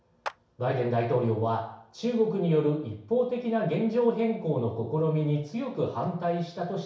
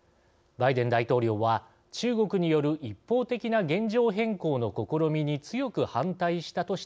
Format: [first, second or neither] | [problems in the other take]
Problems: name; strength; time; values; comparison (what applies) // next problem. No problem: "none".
second | background sound (Clapping); 17 dB below the speech // room echo; dies away in 0.6 s